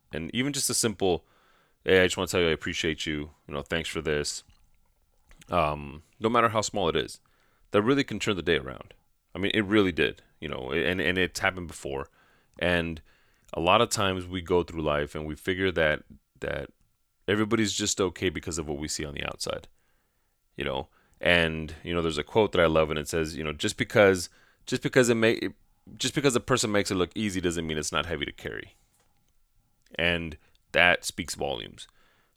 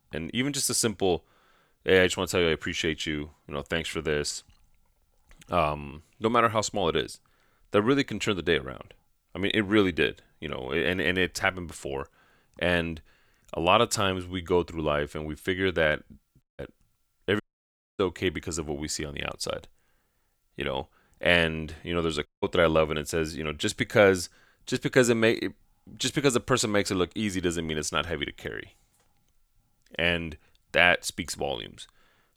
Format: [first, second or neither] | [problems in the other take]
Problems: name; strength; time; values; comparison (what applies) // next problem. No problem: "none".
first | audio cutting out; at 16 s, at 17 s for 0.5 s and at 22 s